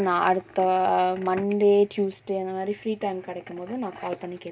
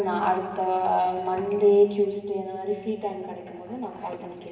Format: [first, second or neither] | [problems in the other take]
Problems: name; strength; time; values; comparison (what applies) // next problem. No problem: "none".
first | room echo; dies away in 1.9 s